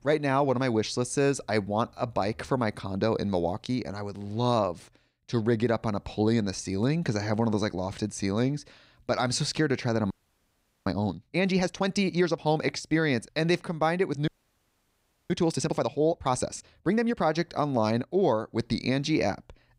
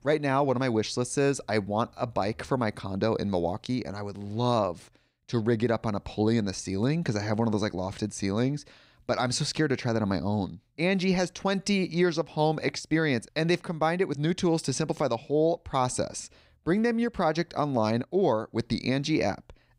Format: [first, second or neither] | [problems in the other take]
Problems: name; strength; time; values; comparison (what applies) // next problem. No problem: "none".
second | audio freezing; at 10 s for 1 s and at 14 s for 1 s